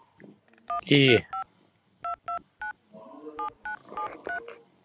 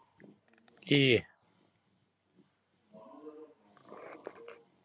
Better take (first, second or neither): second